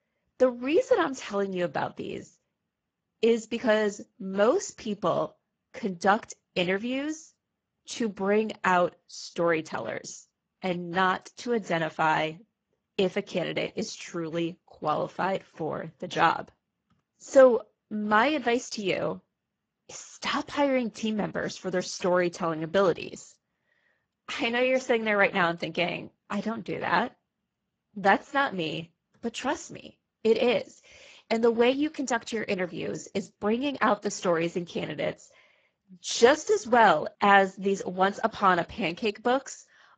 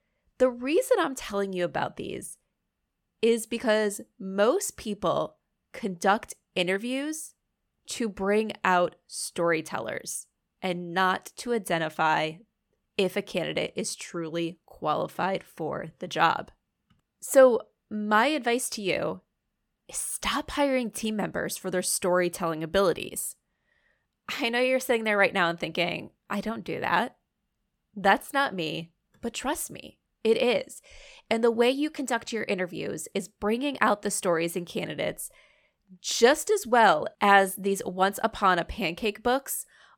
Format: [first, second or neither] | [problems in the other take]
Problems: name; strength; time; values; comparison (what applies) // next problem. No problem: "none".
second | garbled, watery; badly; nothing above 7.5 kHz